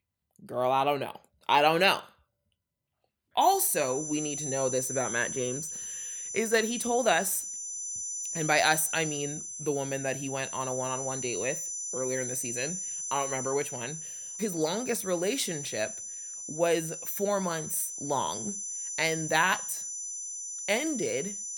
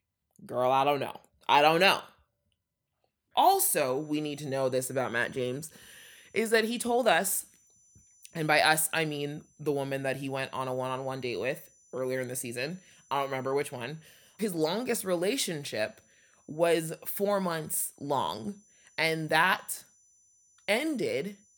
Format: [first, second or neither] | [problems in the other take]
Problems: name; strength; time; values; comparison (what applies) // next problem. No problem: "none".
second | high-pitched whine; loud; from 3.5 s on; 6 kHz, 5 dB below the speech; faint in the second